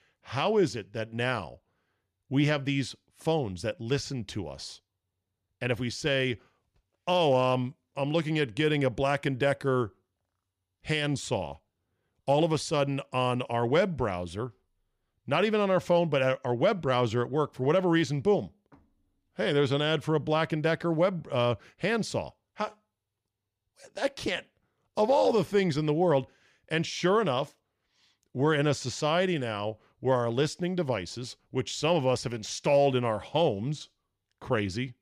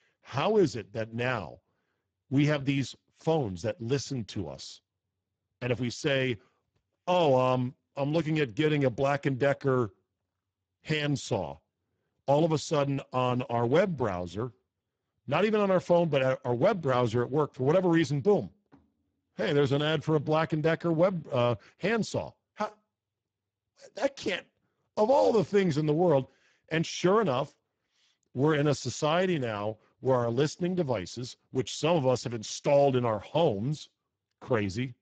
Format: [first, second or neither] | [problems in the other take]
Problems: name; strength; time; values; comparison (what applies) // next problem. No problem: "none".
first | garbled, watery; badly; nothing above 7.5 kHz